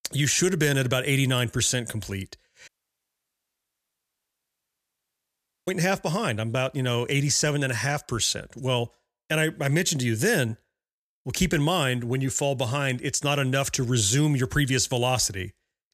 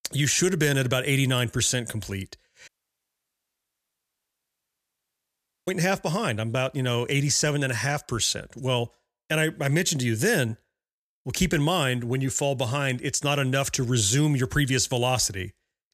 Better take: neither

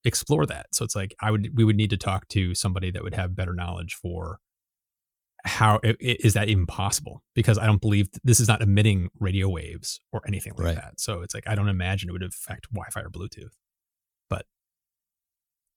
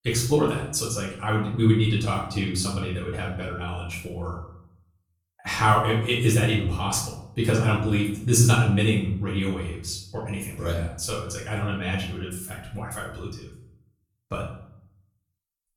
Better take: first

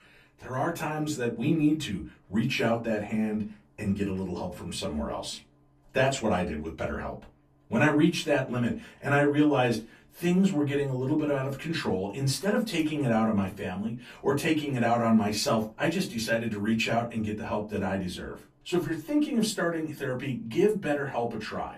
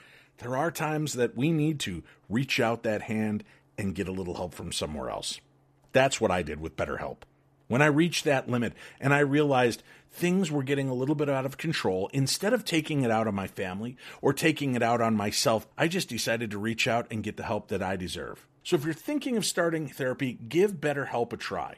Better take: second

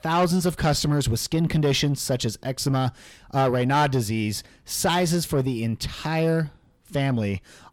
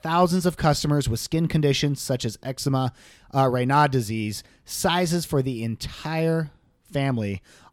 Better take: second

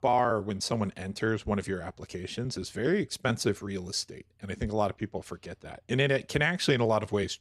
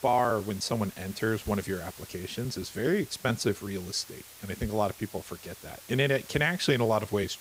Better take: first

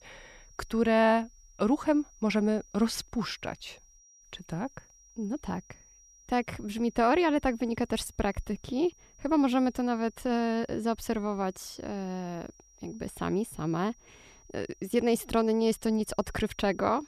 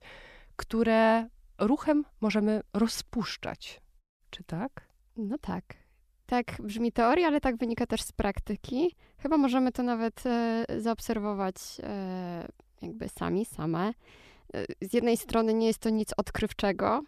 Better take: second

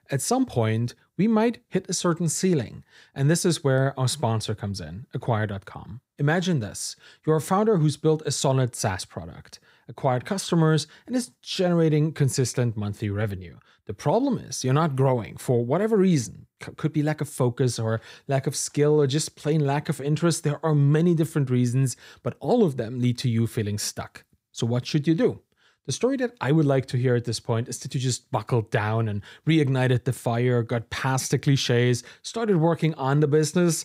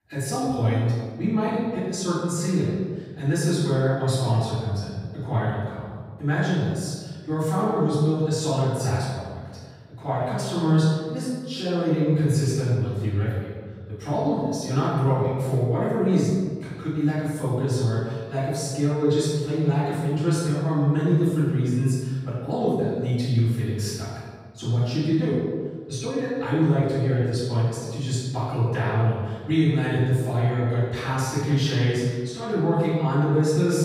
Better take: first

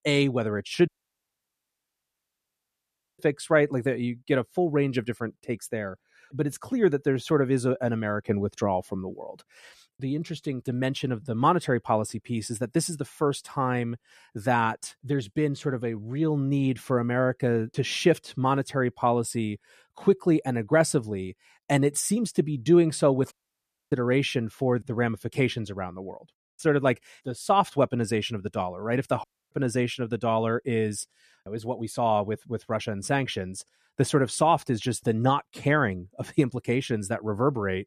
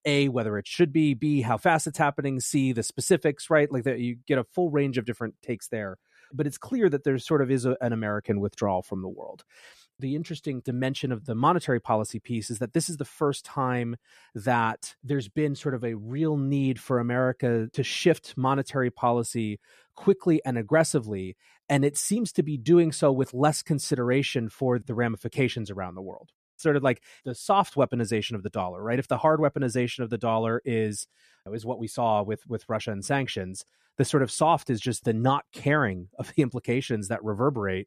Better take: second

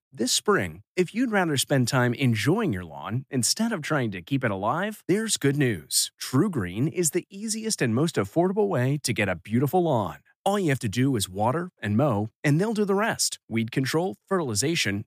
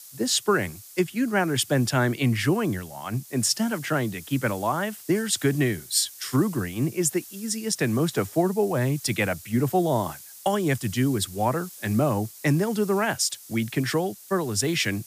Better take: first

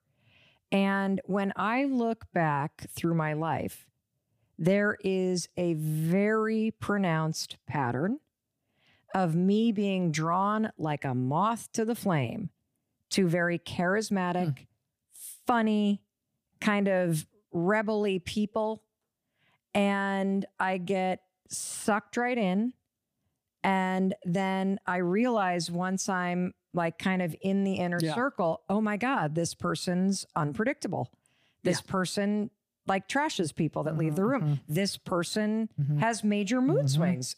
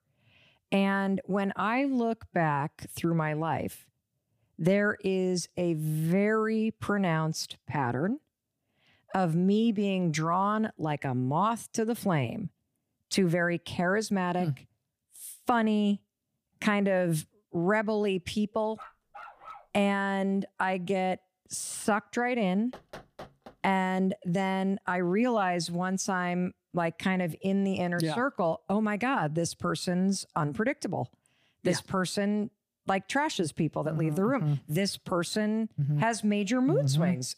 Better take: first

